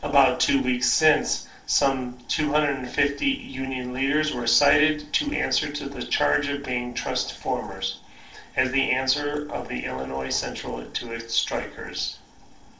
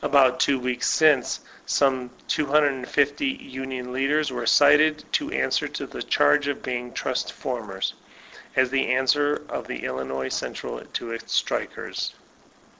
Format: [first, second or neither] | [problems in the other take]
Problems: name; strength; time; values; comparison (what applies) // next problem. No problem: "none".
second | room echo; dies away in 0.3 s